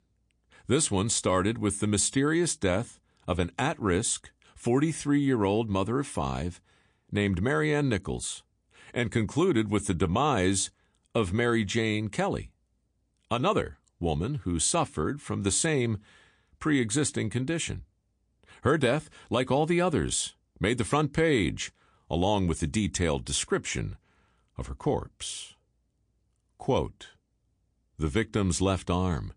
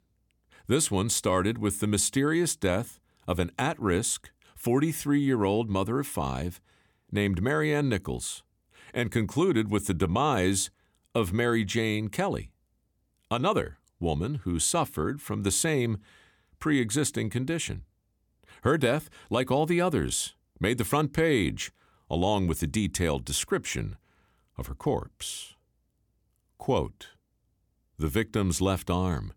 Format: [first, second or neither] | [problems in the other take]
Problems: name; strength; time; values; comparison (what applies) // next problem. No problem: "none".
second | garbled, watery; slightly; nothing above 9 kHz